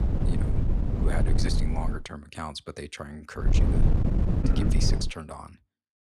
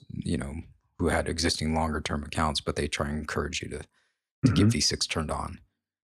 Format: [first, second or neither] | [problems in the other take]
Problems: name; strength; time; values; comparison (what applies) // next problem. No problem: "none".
second | wind noise on the microphone; heavy; until 2 s and from 3.5 to 5 s; 1 dB below the speech